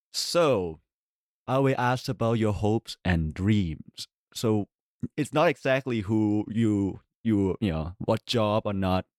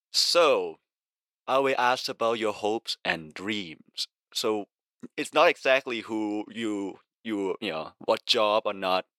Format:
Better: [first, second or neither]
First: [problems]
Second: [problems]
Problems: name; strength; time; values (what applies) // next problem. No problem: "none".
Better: first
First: none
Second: thin; somewhat; fading below 500 Hz